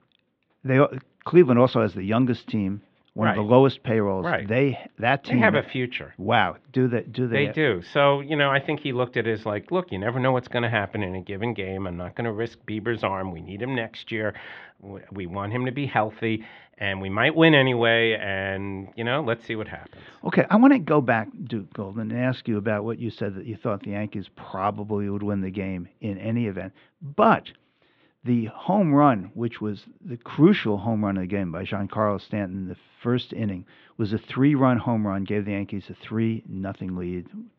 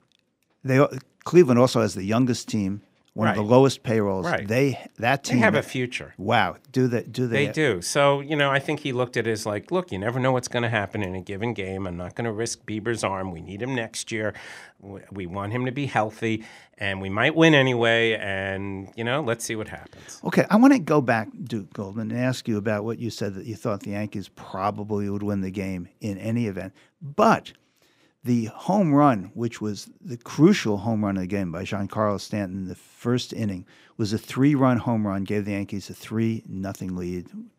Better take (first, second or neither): second